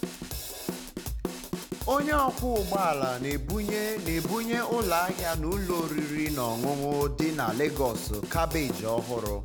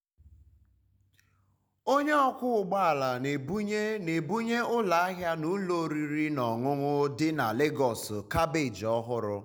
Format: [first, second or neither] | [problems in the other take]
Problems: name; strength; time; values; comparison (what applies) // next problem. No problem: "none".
second | background sound (Drum kit); 5 dB below the speech